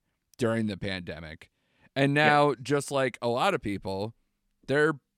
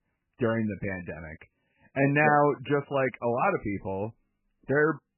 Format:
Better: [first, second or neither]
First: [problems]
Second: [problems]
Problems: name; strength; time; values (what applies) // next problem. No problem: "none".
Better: first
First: none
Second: garbled, watery; badly; nothing above 2.5 kHz